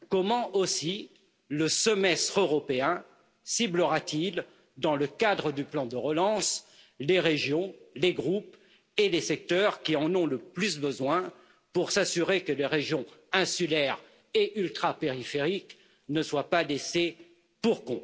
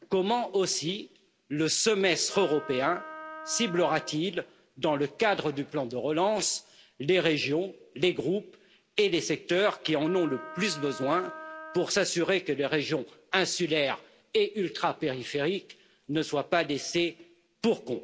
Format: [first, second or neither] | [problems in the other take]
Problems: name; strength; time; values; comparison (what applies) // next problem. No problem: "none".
first | background sound (Wind instrument, woodwind instrument); 14 dB below the speech